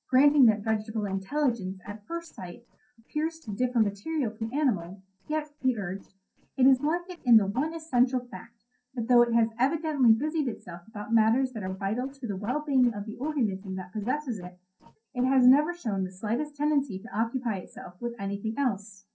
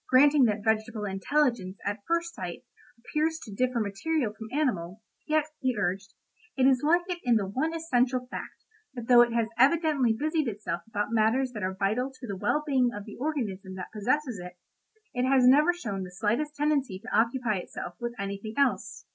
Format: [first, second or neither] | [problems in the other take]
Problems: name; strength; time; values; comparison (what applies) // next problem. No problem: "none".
second | noise reduction (neural separator model SepFormer DNS4)